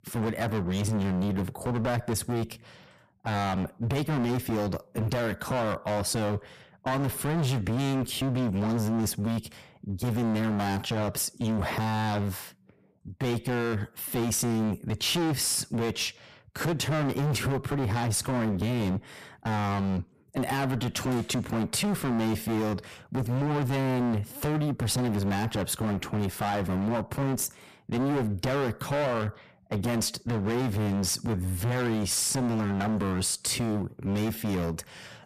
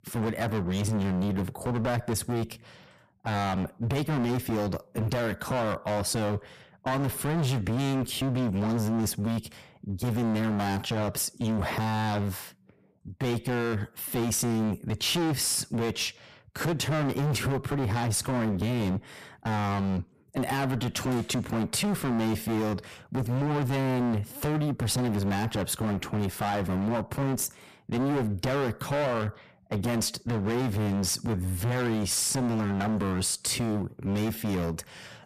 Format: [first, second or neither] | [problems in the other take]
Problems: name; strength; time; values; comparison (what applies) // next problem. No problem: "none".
neither | distortion; heavy; 27% of the sound clipped; the same in both